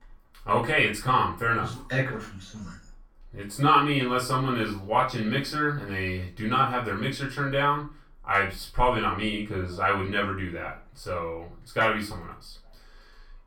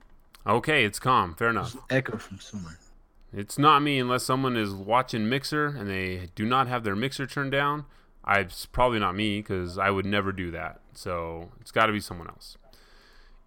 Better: second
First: off-mic speech; far // room echo; slight; dies away in 0.3 s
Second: none

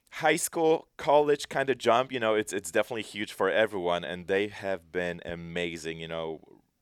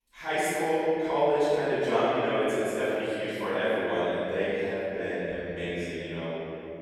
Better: first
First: none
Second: off-mic speech; far // room echo; strong; dies away in 3 s

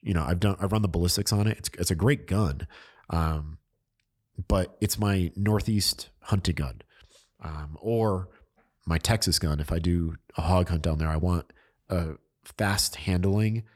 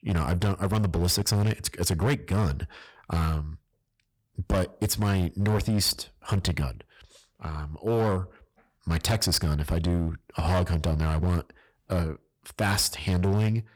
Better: first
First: none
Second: distortion; slight; 11% of the sound clipped

